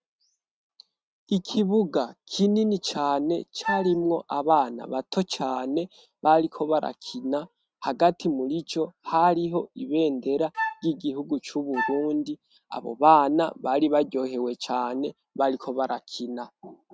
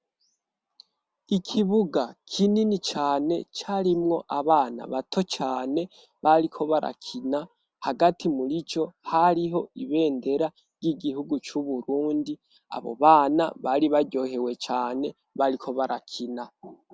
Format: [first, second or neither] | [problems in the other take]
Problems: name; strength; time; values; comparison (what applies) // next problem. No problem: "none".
second | noise reduction (neural mask model RNNoise)